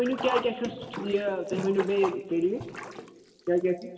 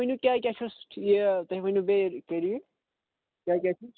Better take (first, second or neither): second